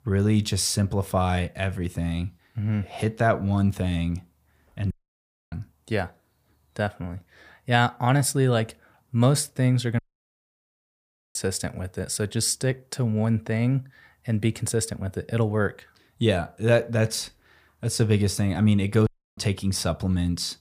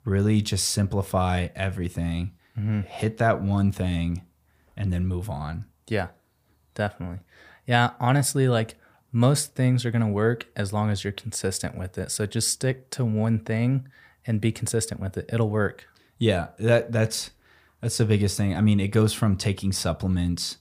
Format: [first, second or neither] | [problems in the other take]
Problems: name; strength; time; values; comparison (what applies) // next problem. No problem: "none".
second | audio cutting out; at 5 s for 0.5 s, at 10 s for 1.5 s and at 19 s